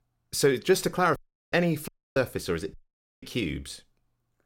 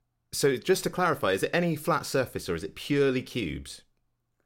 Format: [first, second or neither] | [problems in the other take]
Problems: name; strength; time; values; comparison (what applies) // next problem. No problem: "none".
second | audio cutting out; at 1 s, at 2 s and at 2.5 s